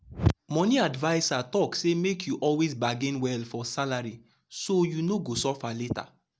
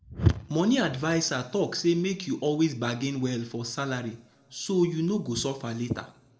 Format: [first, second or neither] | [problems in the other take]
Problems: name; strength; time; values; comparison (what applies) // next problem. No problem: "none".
first | room echo; dies away in 1.2 s